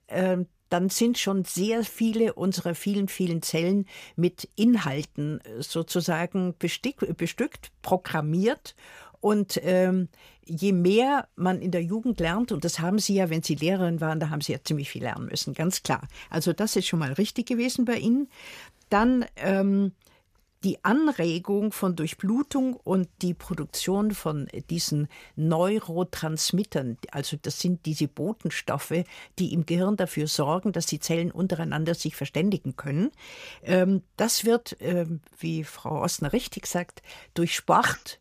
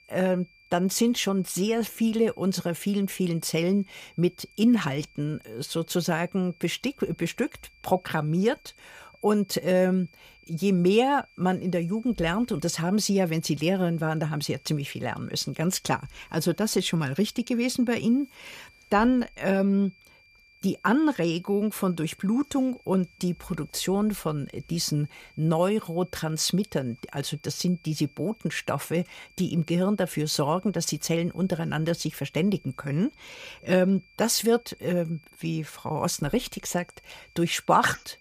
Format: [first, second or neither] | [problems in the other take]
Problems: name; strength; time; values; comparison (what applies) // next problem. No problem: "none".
first | high-pitched whine; faint; throughout; 2.5 kHz, 30 dB below the speech